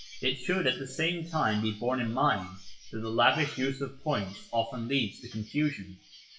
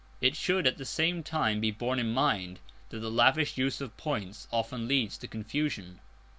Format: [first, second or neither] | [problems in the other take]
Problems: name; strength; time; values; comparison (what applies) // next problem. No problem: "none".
second | noise reduction (classical method WPE with log-MMSE)